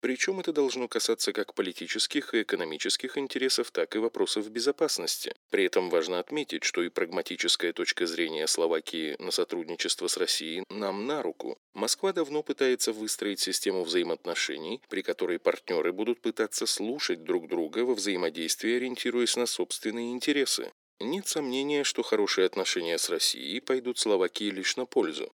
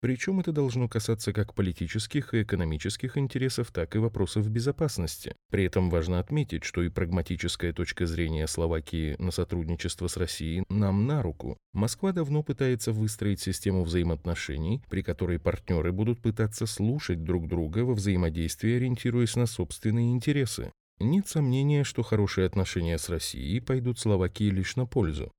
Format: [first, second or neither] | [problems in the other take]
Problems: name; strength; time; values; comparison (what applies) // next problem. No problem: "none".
second | thin; somewhat; fading below 300 Hz